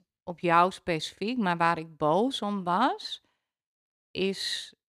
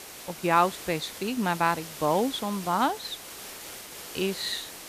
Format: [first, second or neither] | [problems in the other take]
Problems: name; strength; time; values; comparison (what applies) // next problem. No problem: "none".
first | hiss; noticeable; throughout; 10 dB below the speech